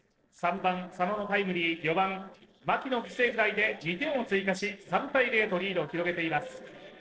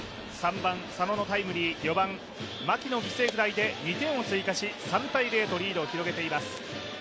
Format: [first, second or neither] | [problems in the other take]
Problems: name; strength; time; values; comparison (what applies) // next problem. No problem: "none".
second | noise reduction (neural separator model SepFormer DNS4)